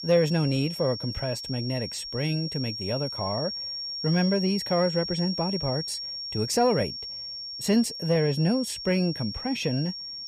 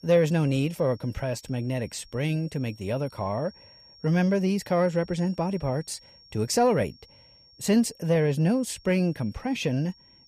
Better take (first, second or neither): second